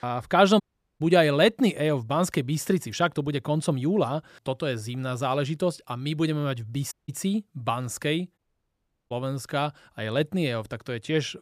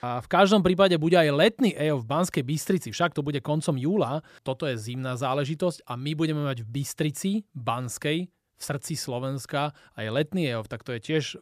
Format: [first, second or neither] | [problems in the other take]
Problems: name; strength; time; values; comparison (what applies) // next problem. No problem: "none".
second | audio cutting out; at 0.5 s, at 7 s and at 8.5 s for 0.5 s